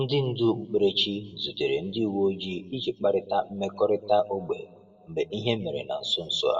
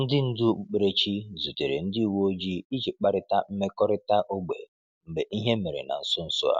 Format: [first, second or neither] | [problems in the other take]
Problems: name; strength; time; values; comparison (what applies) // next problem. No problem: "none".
second | room echo; dies away in 0.9 s